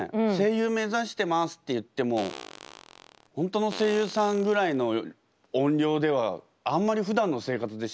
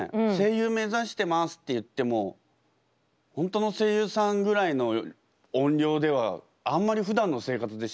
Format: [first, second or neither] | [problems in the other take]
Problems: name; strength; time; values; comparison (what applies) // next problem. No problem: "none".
second | background sound (Fart); 17 dB below the speech